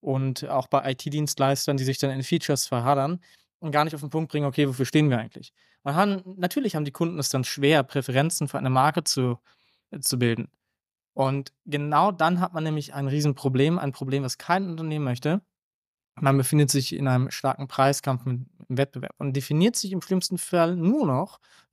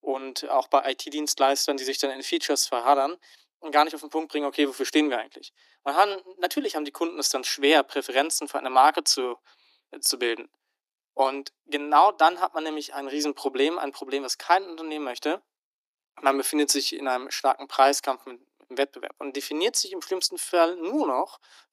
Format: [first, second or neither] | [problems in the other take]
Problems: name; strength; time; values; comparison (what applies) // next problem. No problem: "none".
first | thin; somewhat; fading below 300 Hz